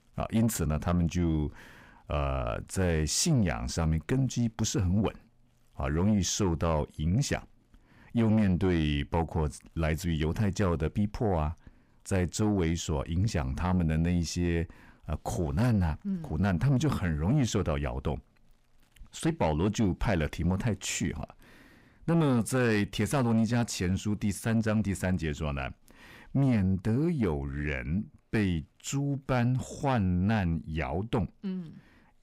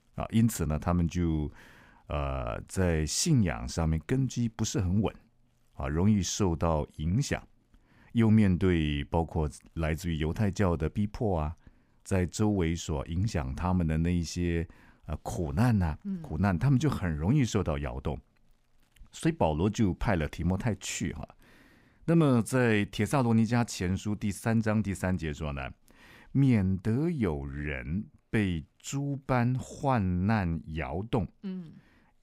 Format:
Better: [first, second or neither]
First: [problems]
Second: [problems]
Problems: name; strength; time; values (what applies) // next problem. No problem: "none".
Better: second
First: distortion; slight; 10 dB below the speech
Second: none